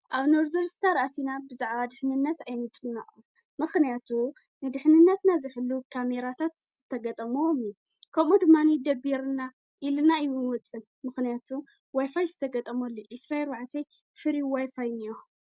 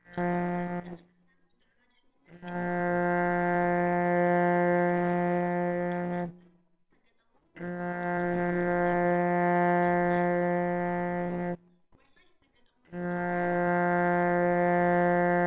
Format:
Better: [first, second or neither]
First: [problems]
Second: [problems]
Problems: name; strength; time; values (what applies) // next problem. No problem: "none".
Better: first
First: none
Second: noise reduction (neural separator model SepFormer WHAMR!)